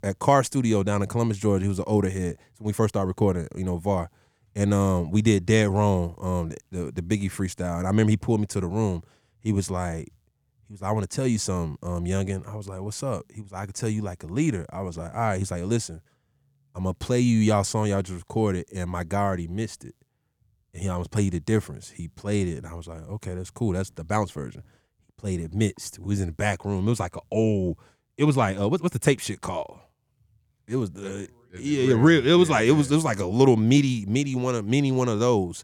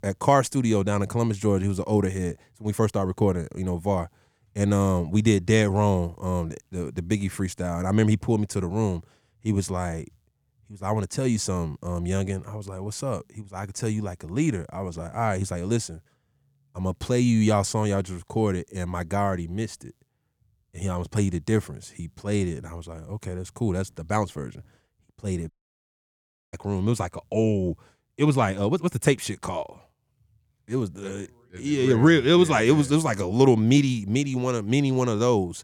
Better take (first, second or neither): first